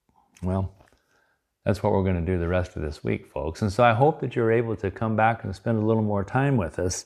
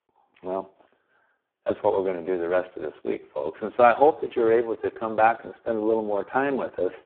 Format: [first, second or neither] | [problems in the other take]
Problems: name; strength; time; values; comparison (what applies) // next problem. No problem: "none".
first | phone-call audio; poor line; nothing above 3.5 kHz